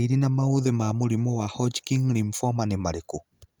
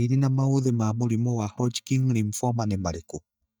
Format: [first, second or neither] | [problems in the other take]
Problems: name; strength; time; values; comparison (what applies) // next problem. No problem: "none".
first | noise reduction (neural mask model DeepFilterNet 3)